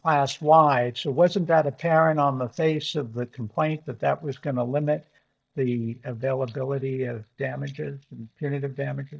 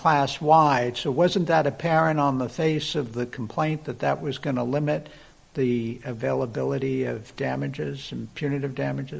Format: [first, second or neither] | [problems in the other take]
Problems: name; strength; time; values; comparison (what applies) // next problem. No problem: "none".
second | noise reduction (neural mask model DeepFilterNet 3)